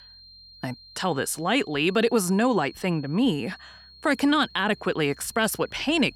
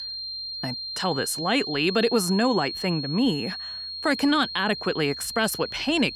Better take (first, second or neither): first